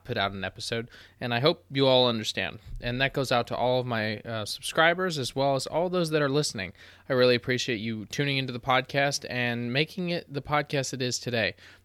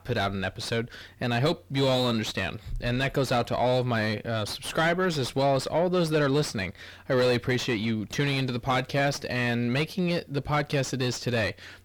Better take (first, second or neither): first